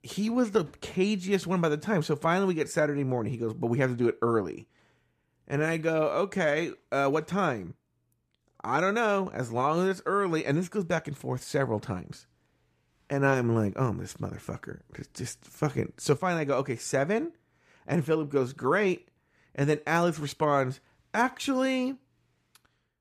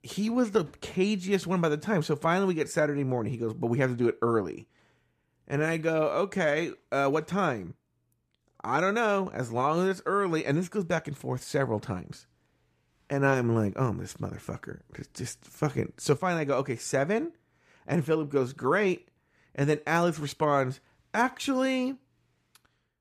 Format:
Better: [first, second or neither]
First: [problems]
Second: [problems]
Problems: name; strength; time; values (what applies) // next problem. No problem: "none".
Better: neither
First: none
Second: none